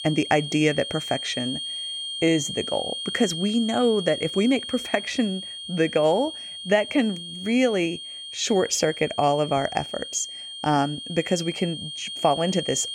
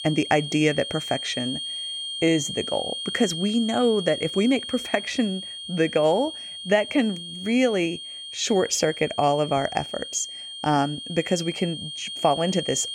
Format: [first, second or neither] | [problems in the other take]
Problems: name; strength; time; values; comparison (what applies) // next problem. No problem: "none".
neither | high-pitched whine; loud; throughout; 3 kHz, 7 dB below the speech; the same in both